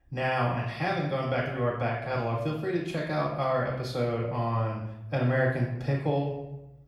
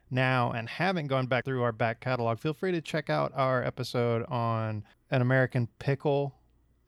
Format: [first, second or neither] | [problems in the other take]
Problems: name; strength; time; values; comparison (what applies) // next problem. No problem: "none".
second | off-mic speech; far // room echo; noticeable; dies away in 0.7 s